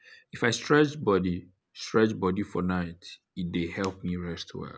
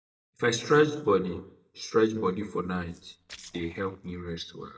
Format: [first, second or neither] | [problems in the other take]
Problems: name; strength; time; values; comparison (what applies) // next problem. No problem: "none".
first | noise reduction (neural mask model DeepFilterNet 3)